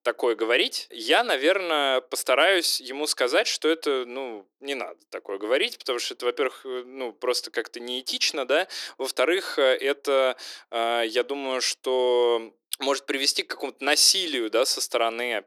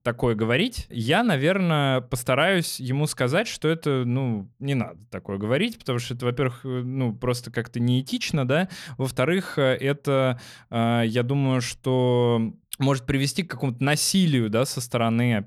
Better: second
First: thin; very; fading below 300 Hz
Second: none

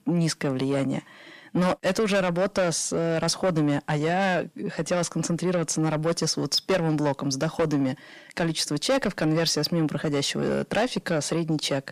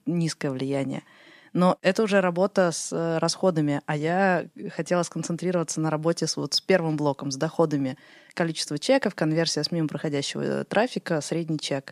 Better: second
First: distortion; heavy; 7 dB below the speech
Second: none

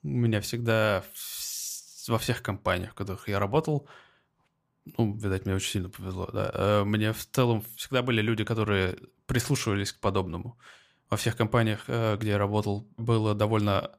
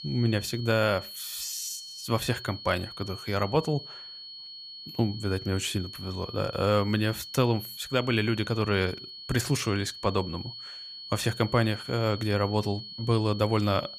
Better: first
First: none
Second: high-pitched whine; noticeable; throughout; 4.5 kHz, 10 dB below the speech

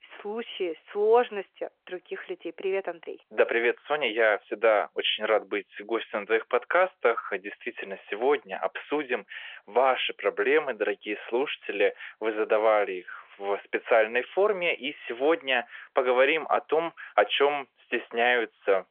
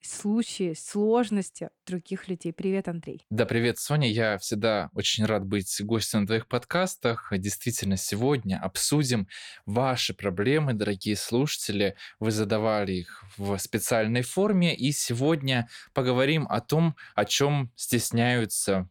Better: second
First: phone-call audio; nothing above 3.5 kHz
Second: none

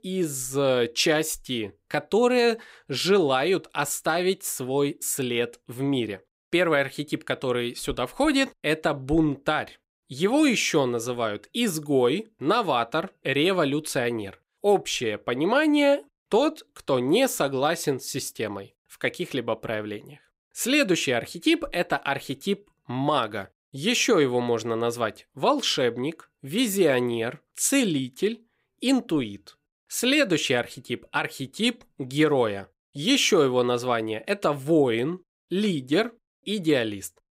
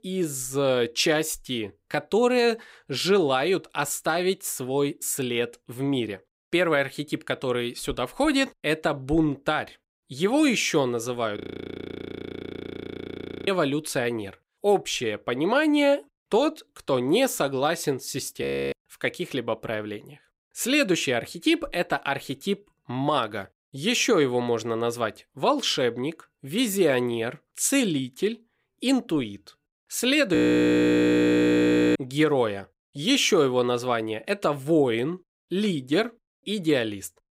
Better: first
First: none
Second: audio freezing; at 11 s for 2 s, at 18 s and at 30 s for 1.5 s

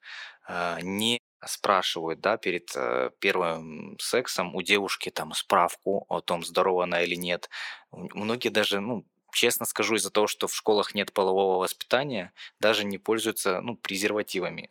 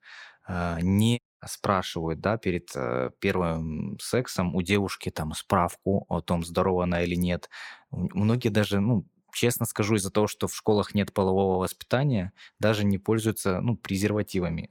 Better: second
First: thin; somewhat; fading below 400 Hz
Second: none

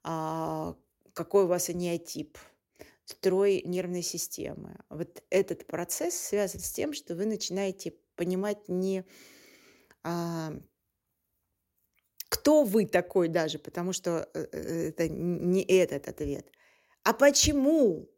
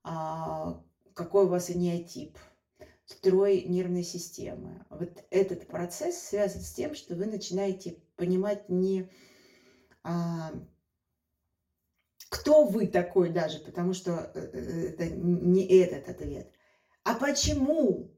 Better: first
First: none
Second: room echo; very slight; dies away in 0.3 s // off-mic speech; far

